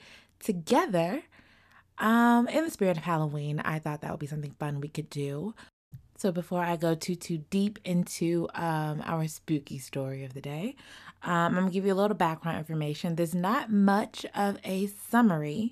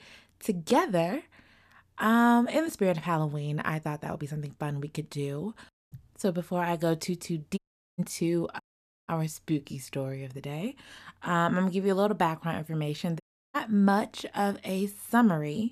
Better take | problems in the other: first | audio cutting out; at 7.5 s, at 8.5 s and at 13 s

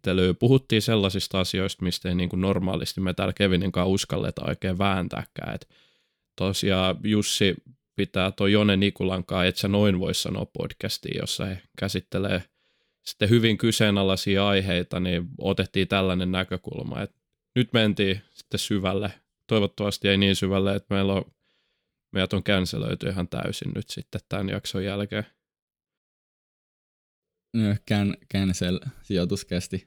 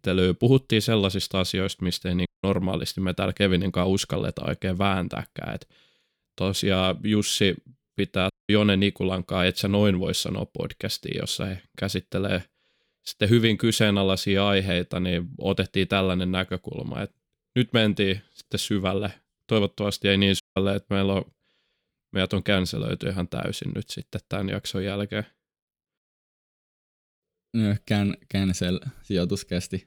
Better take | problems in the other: first | audio cutting out; at 2.5 s, at 8.5 s and at 20 s

